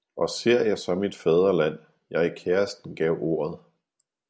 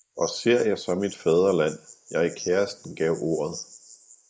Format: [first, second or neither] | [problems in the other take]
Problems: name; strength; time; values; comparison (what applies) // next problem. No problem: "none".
first | noise reduction (neural mask model Resemble Enhance denoiser)